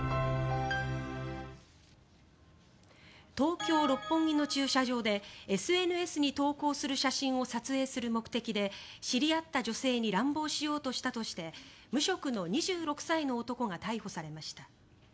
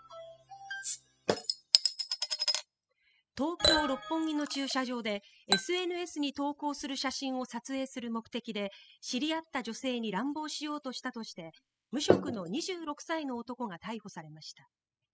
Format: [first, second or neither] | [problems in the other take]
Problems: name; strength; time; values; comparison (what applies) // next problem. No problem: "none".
first | noise reduction (classical method spectral subtraction)